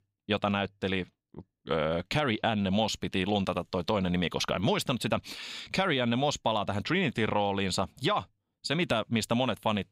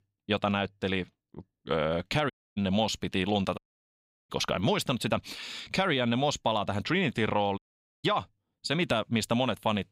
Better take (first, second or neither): first